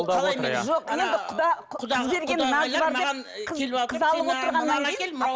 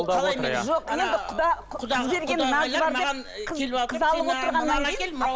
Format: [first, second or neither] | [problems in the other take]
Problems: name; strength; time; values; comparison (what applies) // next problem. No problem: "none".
first | background sound (Accelerating, revving, vroom); 16 dB below the speech